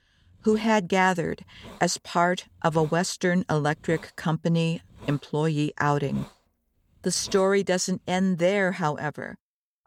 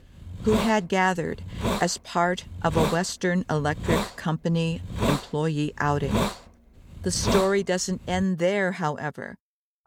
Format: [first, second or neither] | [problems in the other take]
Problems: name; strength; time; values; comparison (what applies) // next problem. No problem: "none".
first | hiss; loud; until 8 s; 4 dB below the speech; faint in the first